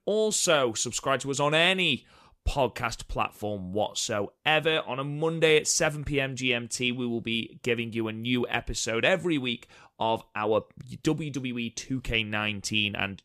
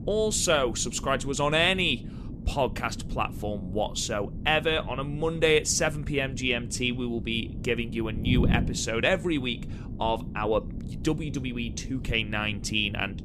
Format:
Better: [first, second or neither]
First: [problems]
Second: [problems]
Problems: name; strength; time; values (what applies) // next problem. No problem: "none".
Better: first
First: none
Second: wind noise on the microphone; occasional gusts; 20 dB below the speech